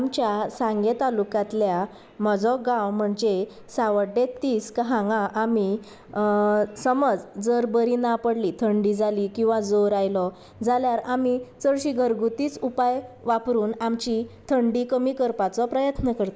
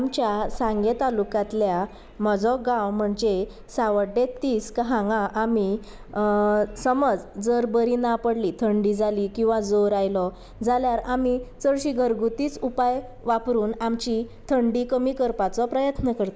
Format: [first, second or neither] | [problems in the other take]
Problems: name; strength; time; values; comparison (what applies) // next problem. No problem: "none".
first | background sound (Engine starting / Car); 19 dB below the speech